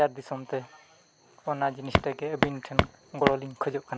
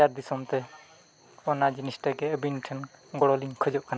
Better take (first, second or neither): second